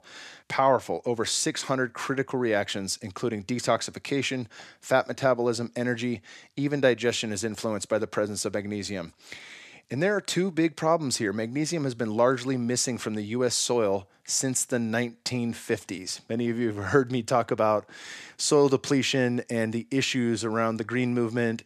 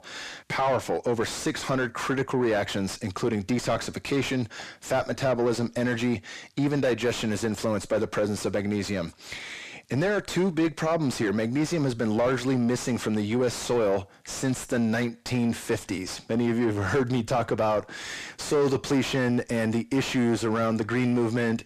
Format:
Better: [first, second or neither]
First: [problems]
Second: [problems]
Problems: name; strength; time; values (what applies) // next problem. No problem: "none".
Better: first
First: none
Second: distortion; heavy; 6 dB below the speech